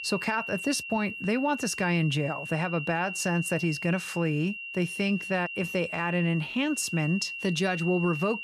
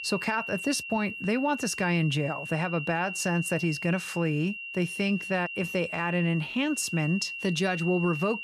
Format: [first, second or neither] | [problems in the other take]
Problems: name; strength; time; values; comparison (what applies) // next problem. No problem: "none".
neither | high-pitched whine; loud; throughout; 2.5 kHz, 7 dB below the speech; the same in both